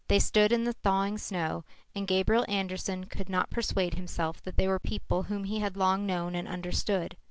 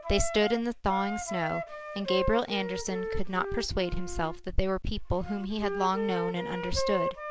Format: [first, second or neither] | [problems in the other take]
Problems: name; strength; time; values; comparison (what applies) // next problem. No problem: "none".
first | background sound (Wind instrument, woodwind instrument); 6 dB below the speech